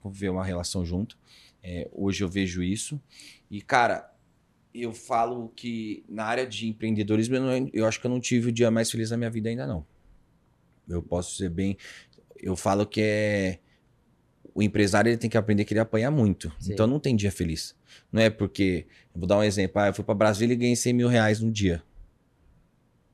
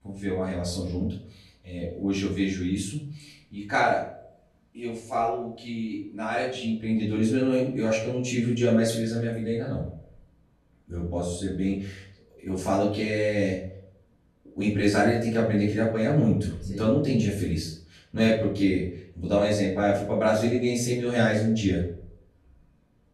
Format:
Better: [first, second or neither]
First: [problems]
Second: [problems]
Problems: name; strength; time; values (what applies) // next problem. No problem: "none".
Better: first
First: none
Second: off-mic speech; far // room echo; noticeable; dies away in 0.5 s